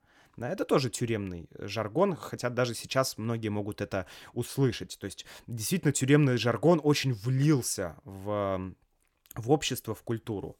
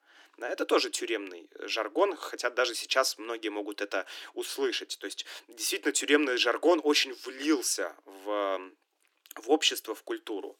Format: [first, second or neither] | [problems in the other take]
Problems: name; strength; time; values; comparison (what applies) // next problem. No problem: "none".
first | thin; somewhat; fading below 300 Hz